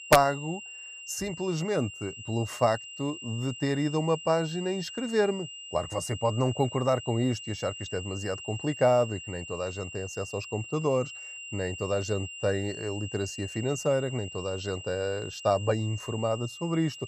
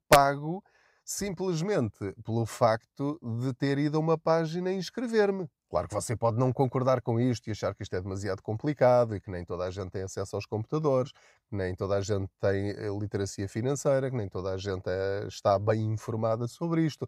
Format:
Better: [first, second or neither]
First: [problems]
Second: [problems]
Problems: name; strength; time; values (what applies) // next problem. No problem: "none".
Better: second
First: high-pitched whine; noticeable; throughout; 3 kHz, 10 dB below the speech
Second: none